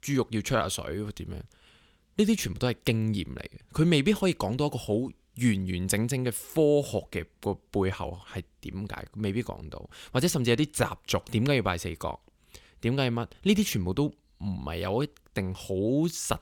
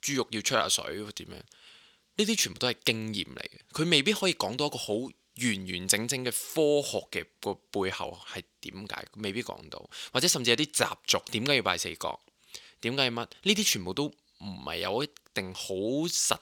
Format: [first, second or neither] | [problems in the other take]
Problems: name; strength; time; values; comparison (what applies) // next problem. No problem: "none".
first | thin; very slightly; fading below 450 Hz